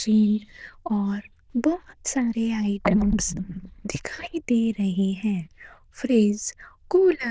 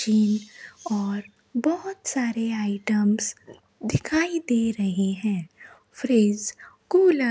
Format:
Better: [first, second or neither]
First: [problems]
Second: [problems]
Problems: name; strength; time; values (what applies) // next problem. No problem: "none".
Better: second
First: noise reduction (neural diffusion model UNIVERSE++)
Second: none